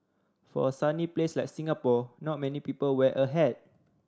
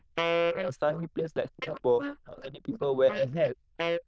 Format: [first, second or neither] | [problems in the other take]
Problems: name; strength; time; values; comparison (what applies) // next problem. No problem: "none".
first | noise reduction (neural diffusion model UNIVERSE++)